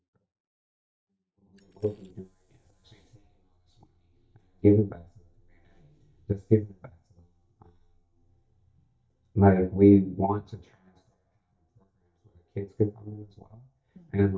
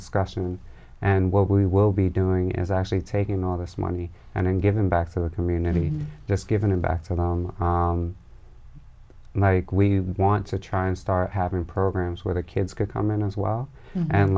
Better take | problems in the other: second | noise reduction (neural mask model DeepFilterNet 3)

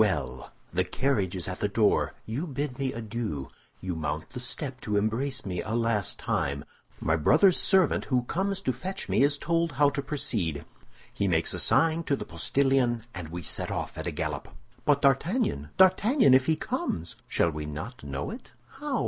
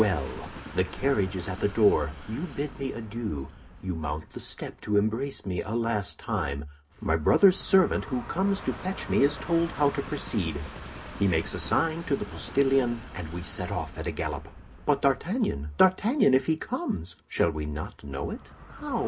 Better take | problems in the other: first | background sound (Train); 16 dB below the speech // room echo; dies away in 0.3 s

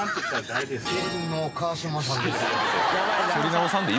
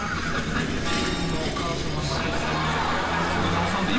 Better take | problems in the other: first | background sound (Engine / Vehicle); as loud as the speech // room echo; dies away in 0.8 s

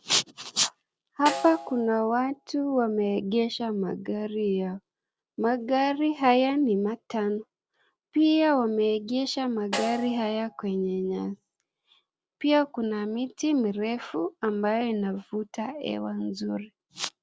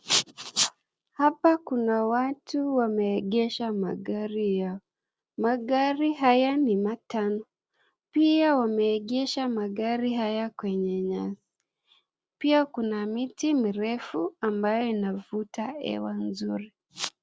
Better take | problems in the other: second | background sound (Snare drum); 12 dB below the speech

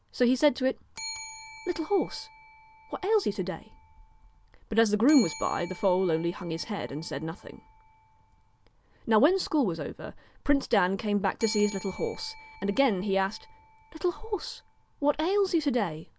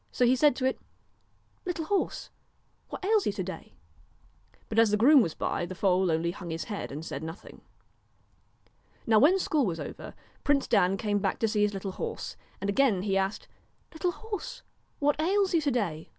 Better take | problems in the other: second | background sound (Bell); 17 dB below the speech

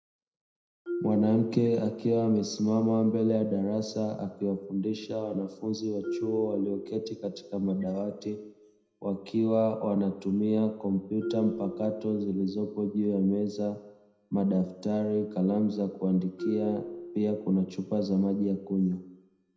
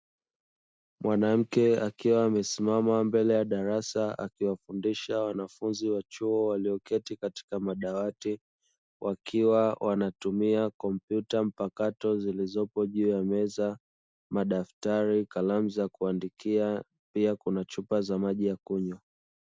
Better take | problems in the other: second | background sound (Marimba, xylophone); 14 dB below the speech // room echo; dies away in 0.7 s

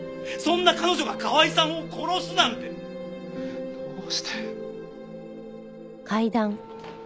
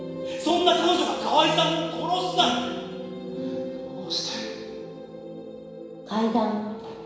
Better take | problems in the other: first | room echo; dies away in 1 s

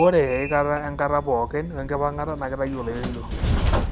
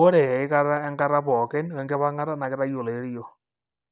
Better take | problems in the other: second | background sound (Train); 4 dB below the speech

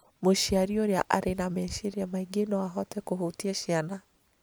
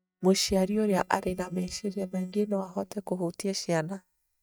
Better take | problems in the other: first | noise reduction (neural mask model DeepFilterNet 3)

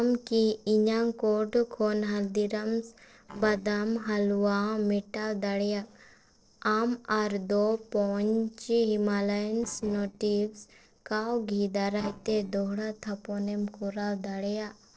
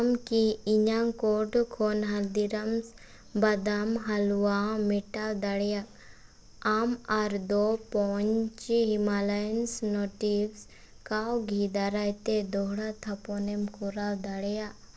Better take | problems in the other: second | noise reduction (neural separator model SepFormer DNS4)

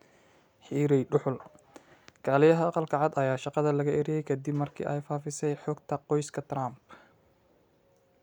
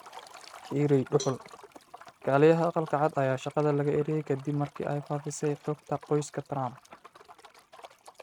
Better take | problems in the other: first | noise reduction (neural mask model RNNoise)

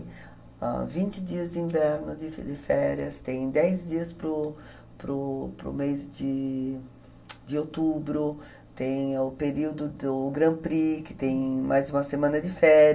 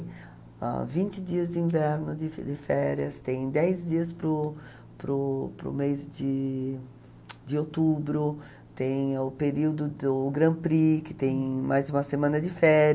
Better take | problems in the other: second | room echo; dies away in 0.2 s

